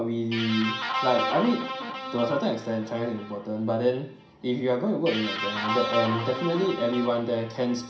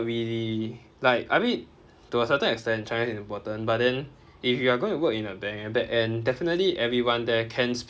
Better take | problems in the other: second | background sound (Guitar); 6 dB below the speech // room echo; dies away in 0.5 s

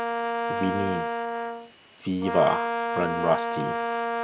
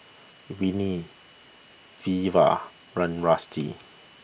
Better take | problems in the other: second | background sound (Brass instrument); as loud as the speech

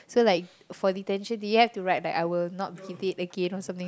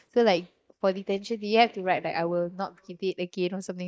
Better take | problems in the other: first | noise reduction (neural mask model DeepFilterNet 3)

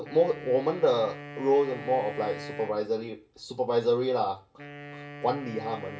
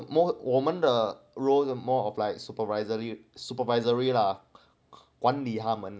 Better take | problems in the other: second | background sound (Wind instrument, woodwind instrument); 15 dB below the speech // room echo; dies away in 0.2 s

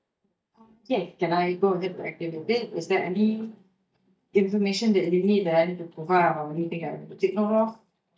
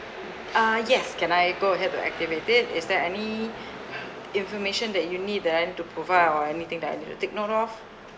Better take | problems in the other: second | noise reduction (neural mask model DeepFilterNet 3)

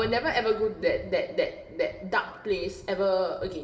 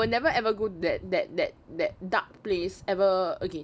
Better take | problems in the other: second | room echo; dies away in 1.6 s

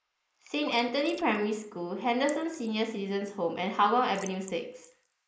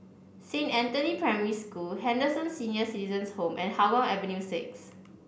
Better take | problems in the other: second | noise reduction (neural mask model Resemble Enhance denoiser)

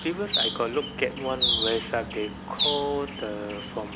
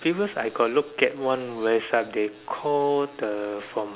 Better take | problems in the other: second | background sound (Bird); as loud as the speech

